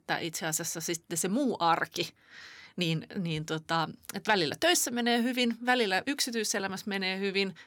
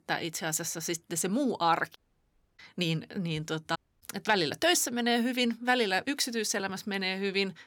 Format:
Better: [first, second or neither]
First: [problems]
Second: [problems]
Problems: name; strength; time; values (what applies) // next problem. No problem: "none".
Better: first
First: none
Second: audio cutting out; at 2 s for 0.5 s and at 4 s